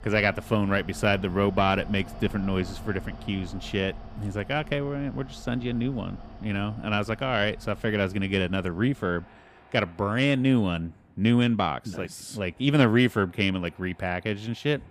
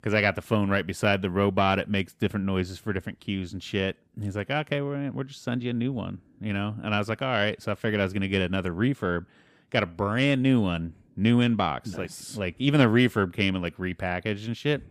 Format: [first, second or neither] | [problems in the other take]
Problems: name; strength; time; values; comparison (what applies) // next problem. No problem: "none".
second | machinery noise; noticeable; throughout; 20 dB below the speech